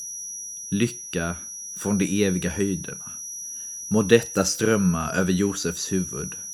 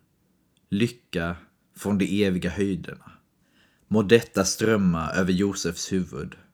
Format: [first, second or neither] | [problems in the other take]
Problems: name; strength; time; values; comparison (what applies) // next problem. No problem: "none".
second | high-pitched whine; loud; throughout; 6 kHz, 9 dB below the speech